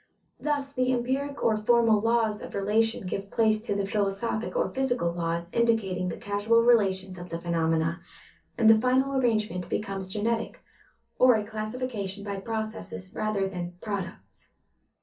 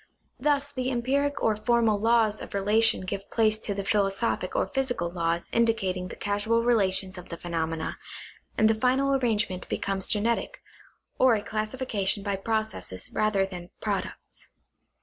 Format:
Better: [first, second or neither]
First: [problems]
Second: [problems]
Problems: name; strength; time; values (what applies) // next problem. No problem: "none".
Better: second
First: room echo; dies away in 0.3 s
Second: none